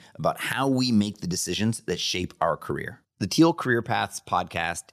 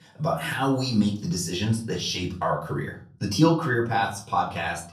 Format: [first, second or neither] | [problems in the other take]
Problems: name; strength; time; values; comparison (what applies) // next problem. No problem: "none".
first | off-mic speech; far // room echo; slight; dies away in 0.4 s